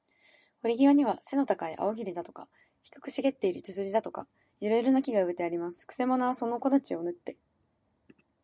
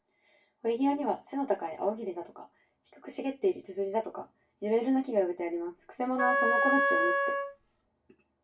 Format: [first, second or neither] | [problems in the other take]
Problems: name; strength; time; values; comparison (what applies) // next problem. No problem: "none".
first | background sound (Wind instrument, woodwind instrument); 3 dB above the speech // room echo; dies away in 0.2 s